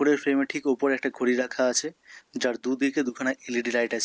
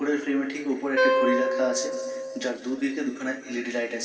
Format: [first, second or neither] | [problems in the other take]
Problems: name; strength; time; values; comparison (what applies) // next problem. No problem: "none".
first | background sound (Wind instrument, woodwind instrument); 2 dB above the speech // room echo; dies away in 2.4 s